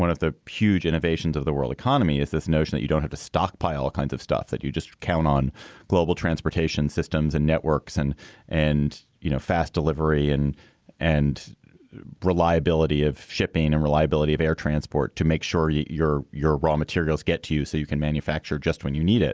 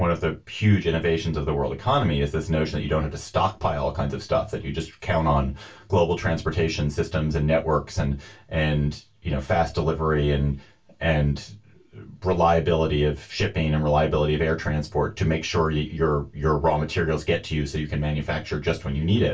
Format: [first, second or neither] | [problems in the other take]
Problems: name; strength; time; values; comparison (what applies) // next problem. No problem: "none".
first | room echo; dies away in 0.2 s